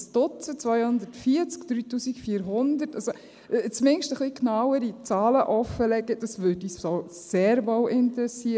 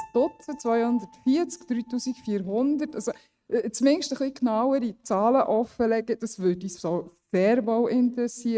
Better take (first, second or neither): first